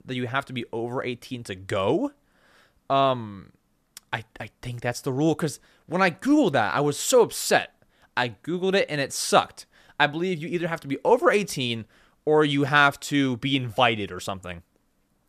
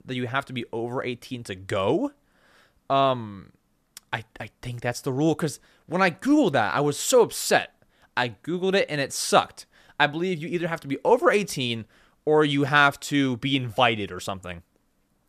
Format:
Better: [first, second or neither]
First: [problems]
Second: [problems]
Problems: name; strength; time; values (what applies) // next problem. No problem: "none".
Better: neither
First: none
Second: none